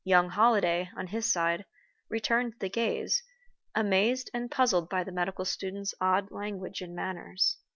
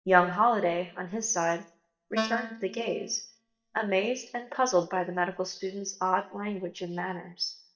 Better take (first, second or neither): first